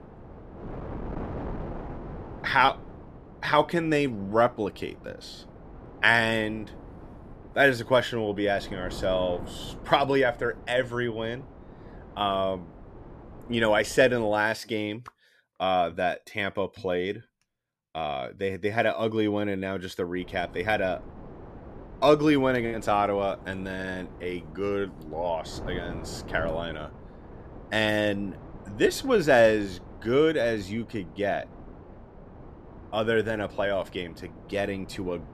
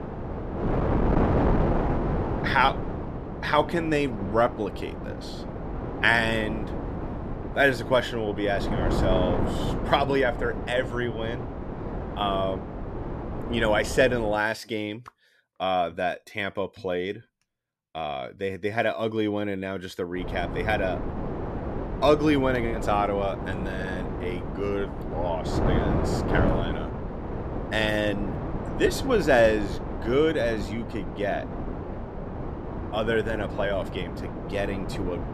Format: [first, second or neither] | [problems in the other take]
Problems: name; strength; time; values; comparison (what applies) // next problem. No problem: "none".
first | wind noise on the microphone; heavy; until 14 s and from 20 s on; 8 dB below the speech; occasional gusts in the first